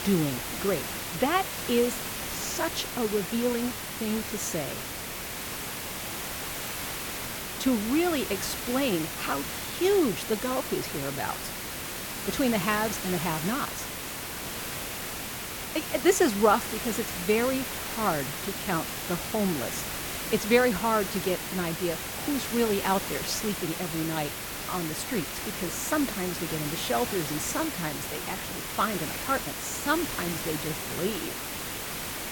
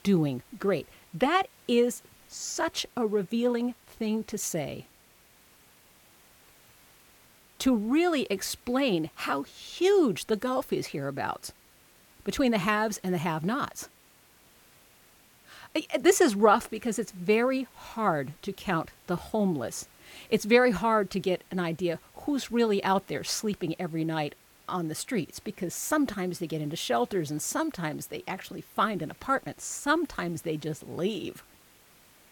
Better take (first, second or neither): second